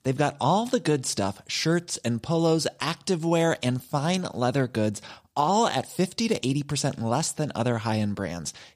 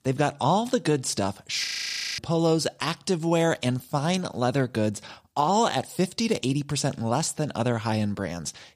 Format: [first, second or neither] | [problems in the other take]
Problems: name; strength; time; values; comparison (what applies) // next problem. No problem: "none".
first | audio freezing; at 1.5 s for 0.5 s